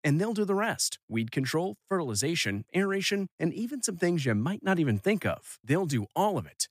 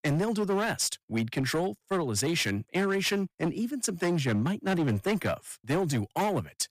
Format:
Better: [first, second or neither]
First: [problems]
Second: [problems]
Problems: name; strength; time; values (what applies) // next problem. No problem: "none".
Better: first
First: none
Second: distortion; slight; 14% of the sound clipped